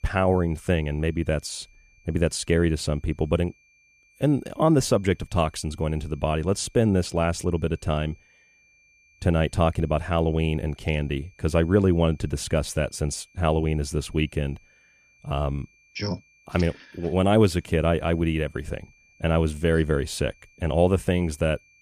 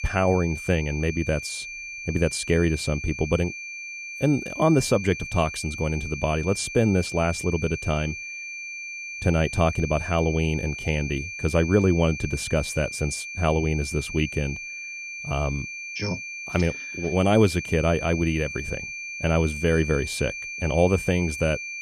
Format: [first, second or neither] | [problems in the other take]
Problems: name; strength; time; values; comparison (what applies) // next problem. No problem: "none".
first | high-pitched whine; loud; throughout; 2.5 kHz, 8 dB below the speech; faint in the first